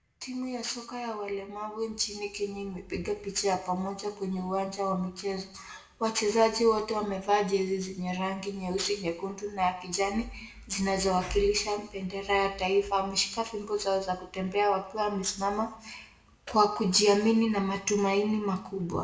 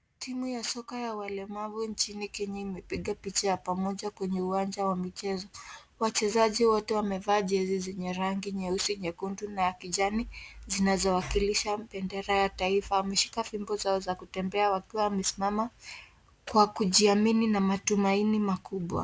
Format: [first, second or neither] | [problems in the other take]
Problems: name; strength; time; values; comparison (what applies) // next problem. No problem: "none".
second | room echo; dies away in 0.6 s